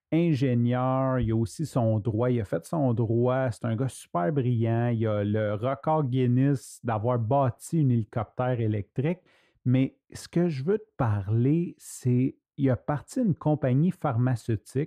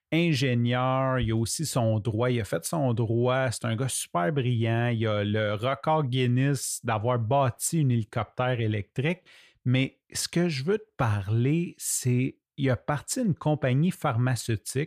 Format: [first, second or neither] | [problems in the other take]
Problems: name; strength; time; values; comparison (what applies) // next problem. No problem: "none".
second | muffled; slightly; fading above 1.5 kHz